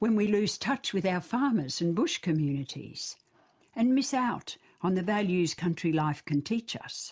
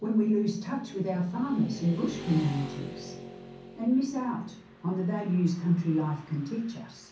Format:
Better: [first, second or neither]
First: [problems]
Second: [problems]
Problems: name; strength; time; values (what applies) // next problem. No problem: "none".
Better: first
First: none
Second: background sound (Motorcycle / Traffic noise, roadway noise); 15 dB below the speech // room echo; dies away in 0.6 s